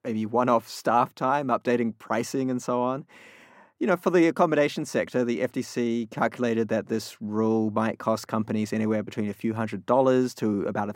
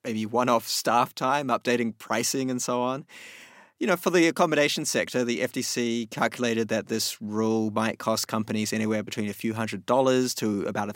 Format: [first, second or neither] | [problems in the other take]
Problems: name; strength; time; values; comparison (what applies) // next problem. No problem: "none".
second | muffled; slightly; fading above 2 kHz